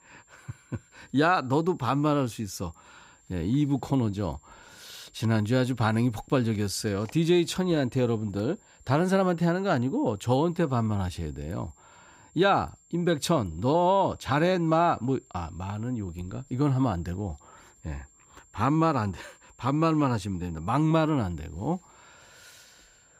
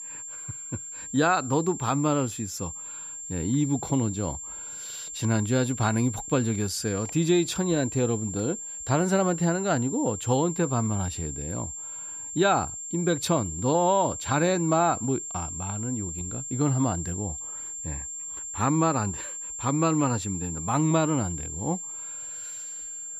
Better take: first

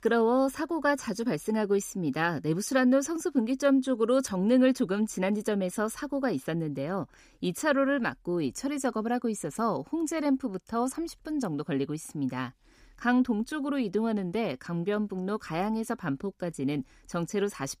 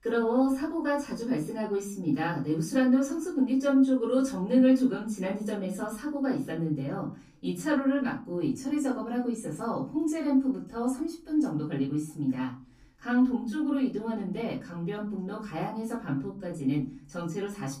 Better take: first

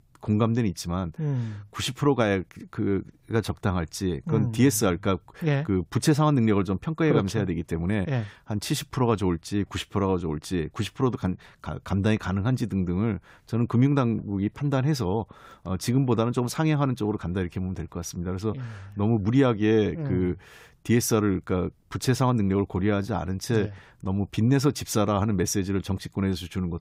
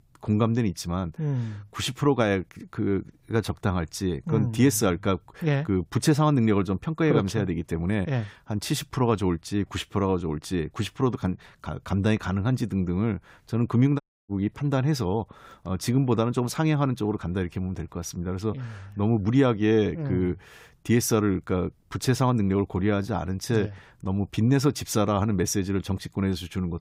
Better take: first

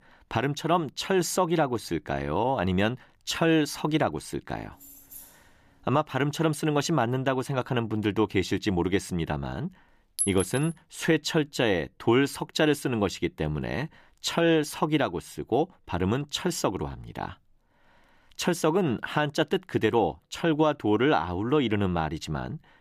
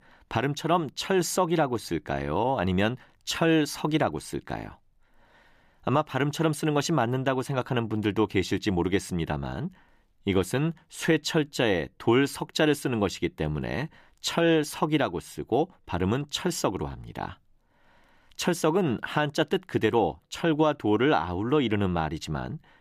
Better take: second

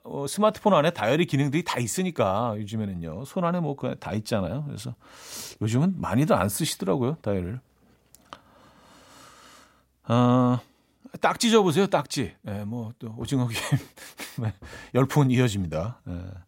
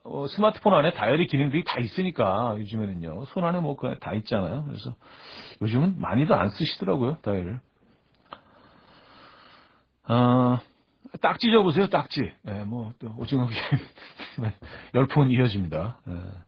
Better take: first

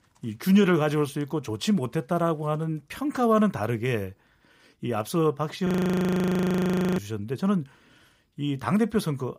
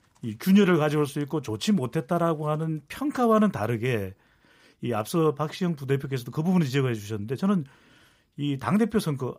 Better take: second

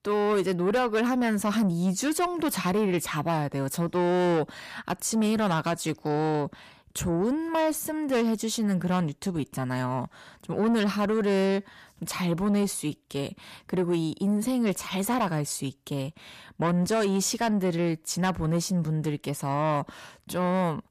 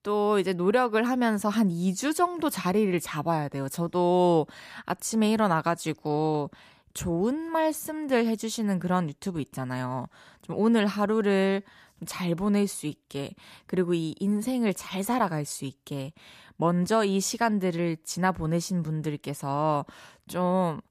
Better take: second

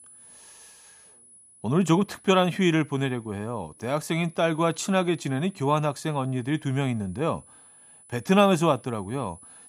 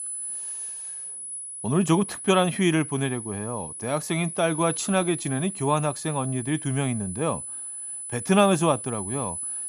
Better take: first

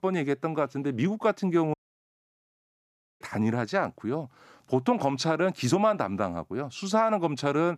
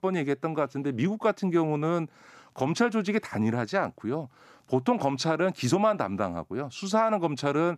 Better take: second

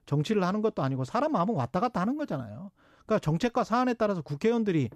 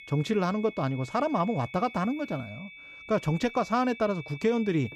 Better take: first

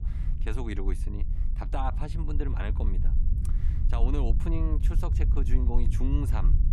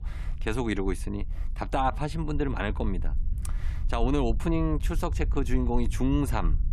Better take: second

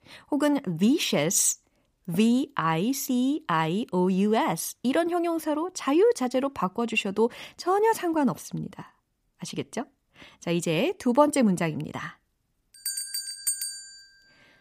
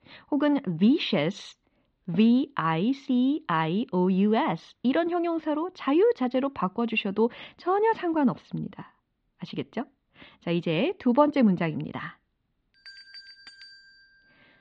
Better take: first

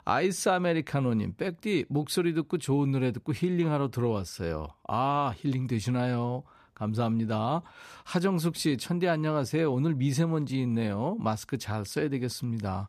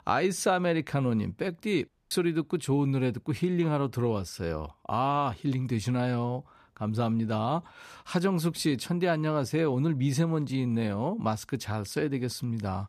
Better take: first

